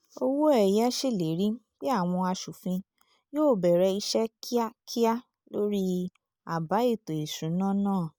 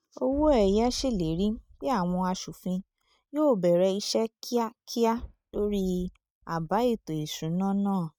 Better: first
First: none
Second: noise reduction (neural mask model RNNoise)

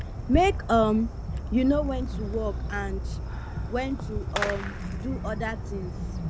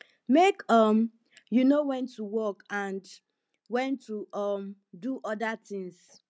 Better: second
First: background sound (Fireworks); 3 dB below the speech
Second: none

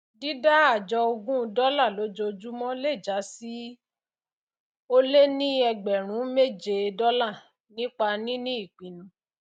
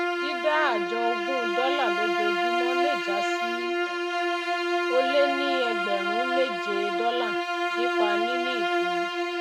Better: first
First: none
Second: background sound (Bowed string instrument); 4 dB above the speech

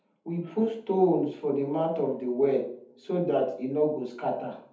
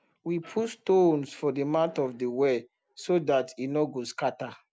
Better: second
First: room echo; dies away in 0.6 s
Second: none

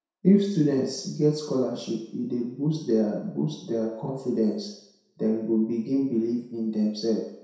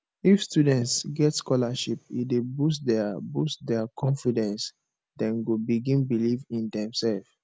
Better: second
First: room echo; dies away in 0.7 s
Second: none

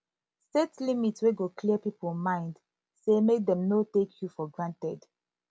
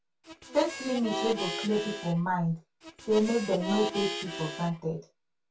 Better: first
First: none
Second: background sound (Harmonica); 6 dB below the speech // room echo; dies away in 0.2 s

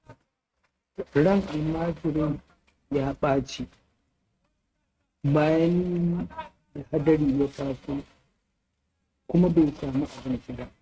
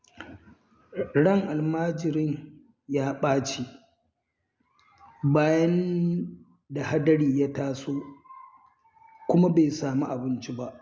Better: second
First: noise reduction (neural mask model RNNoise)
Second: none

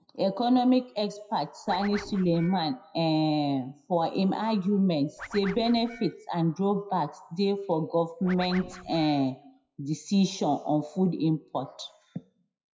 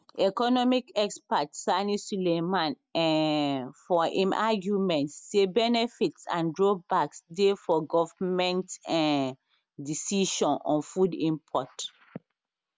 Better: second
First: noise reduction (classical method WPE with log-MMSE)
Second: none

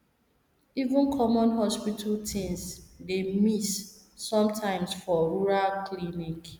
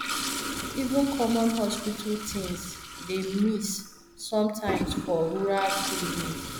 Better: first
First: none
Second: background sound (Toilet flush); 6 dB below the speech

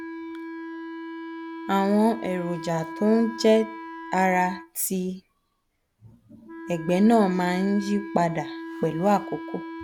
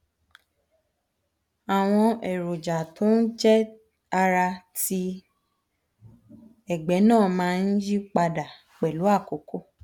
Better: second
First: background sound (Wind instrument, woodwind instrument); 12 dB below the speech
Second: none

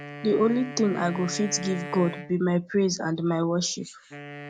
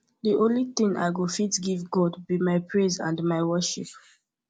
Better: second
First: background sound (Wind instrument, woodwind instrument); 14 dB below the speech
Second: none

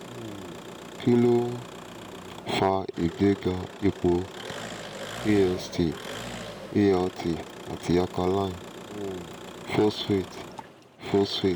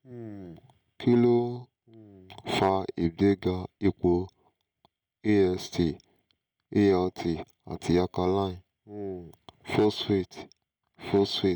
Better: second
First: background sound (Engine); 13 dB below the speech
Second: none

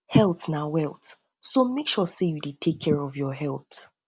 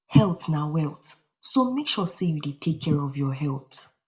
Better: first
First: none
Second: room echo; dies away in 0.3 s

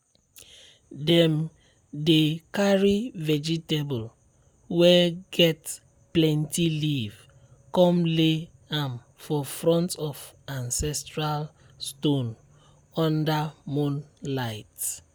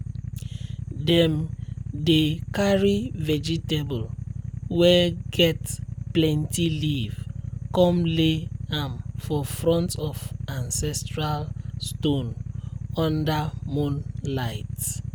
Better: first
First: none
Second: background sound (Idling / Motorcycle); 7 dB below the speech

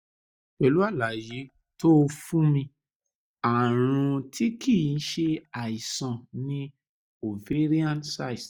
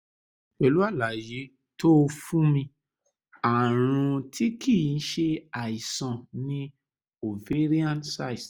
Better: second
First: noise reduction (neural mask model DeepFilterNet 3)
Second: none

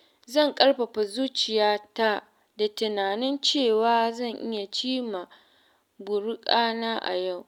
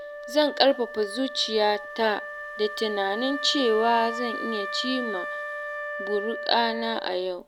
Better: first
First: none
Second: background sound (Wind instrument, woodwind instrument); 8 dB below the speech

